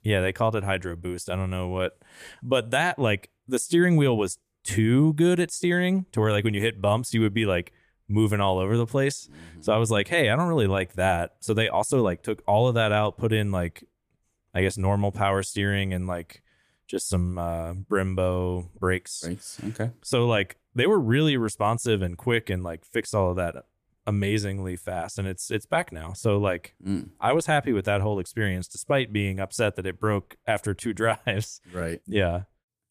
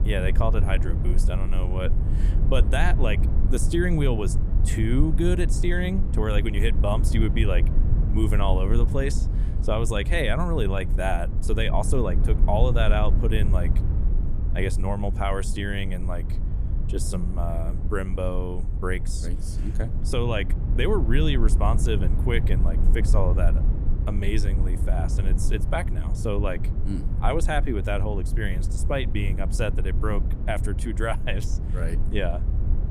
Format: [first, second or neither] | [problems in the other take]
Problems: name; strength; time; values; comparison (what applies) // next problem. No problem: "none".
first | low rumble; noticeable; throughout; 10 dB below the speech